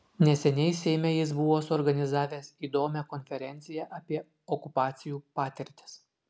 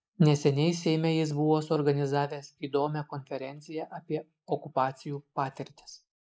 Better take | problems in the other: first | noise reduction (neural mask model Resemble Enhance denoiser)

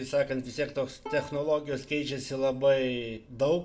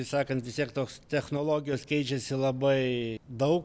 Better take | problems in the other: second | background sound (Bowed string instrument); 20 dB below the speech // room echo; dies away in 0.4 s

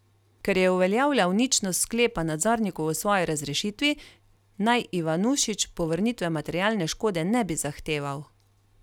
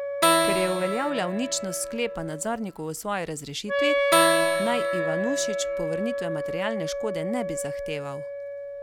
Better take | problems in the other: first | background sound (Wind instrument, woodwind instrument + Keyboard (musical)); 4 dB above the speech

